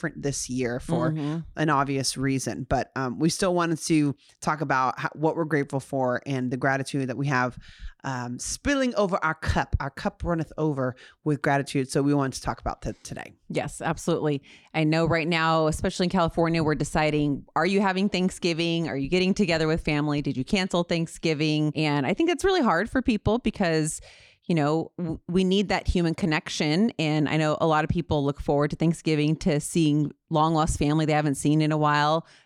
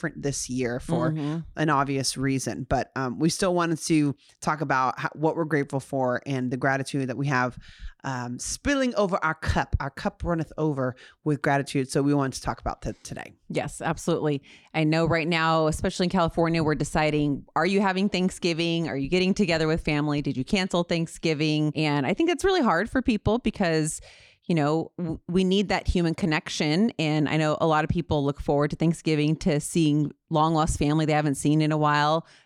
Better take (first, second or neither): neither